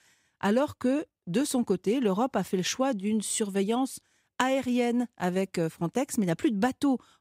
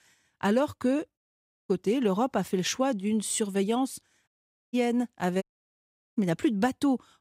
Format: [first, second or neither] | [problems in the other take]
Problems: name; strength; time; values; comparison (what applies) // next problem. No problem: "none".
first | audio cutting out; at 1 s for 0.5 s, at 4.5 s and at 5.5 s for 1 s